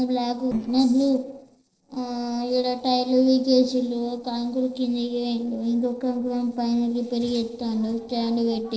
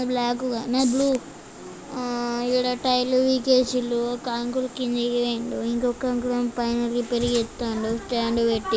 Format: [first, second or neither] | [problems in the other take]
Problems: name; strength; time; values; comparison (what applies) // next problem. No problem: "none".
second | noise reduction (neural separator model SepFormer DNS4)